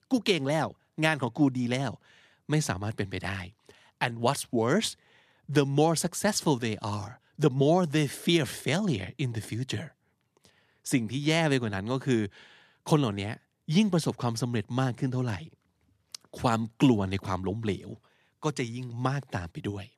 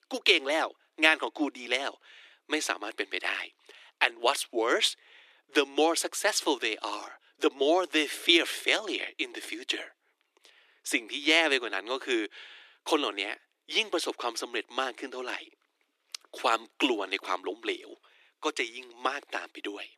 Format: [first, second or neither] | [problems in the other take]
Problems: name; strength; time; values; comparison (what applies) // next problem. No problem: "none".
first | thin; very; fading below 300 Hz